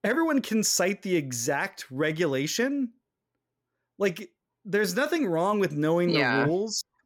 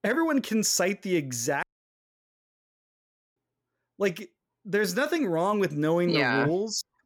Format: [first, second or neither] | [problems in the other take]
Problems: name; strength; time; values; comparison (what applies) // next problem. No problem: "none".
first | audio cutting out; at 1.5 s for 1.5 s